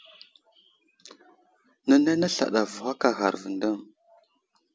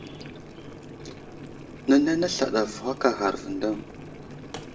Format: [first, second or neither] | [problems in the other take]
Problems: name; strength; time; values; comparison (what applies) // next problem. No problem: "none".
first | background sound (Boiling); 13 dB below the speech // room echo; dies away in 0.4 s